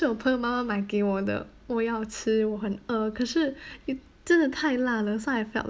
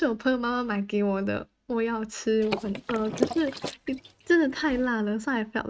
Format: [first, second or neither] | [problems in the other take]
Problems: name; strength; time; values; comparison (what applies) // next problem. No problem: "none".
first | noise reduction (neural mask model RNNoise)